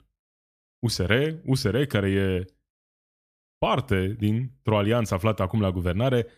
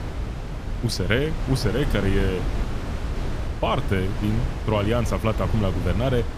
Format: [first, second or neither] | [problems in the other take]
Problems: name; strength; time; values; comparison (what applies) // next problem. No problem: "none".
first | wind noise on the microphone; heavy; 9 dB below the speech